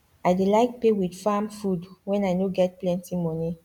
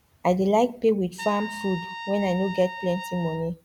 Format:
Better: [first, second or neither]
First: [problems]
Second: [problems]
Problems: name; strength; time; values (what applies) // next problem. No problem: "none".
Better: first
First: none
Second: background sound (Trumpet); 13 dB below the speech